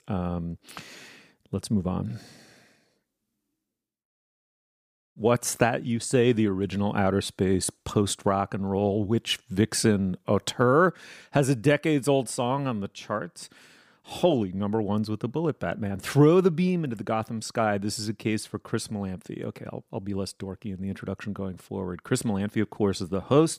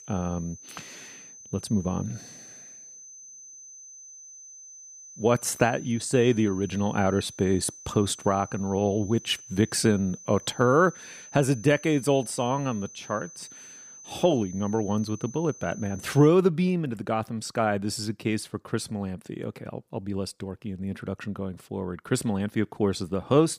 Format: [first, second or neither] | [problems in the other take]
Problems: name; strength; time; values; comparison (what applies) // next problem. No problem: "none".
first | high-pitched whine; noticeable; until 16 s; 6 kHz, 15 dB below the speech